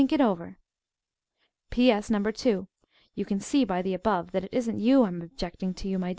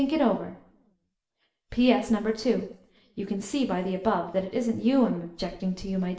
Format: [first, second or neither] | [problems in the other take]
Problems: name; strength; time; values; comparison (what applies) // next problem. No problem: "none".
first | room echo; dies away in 0.6 s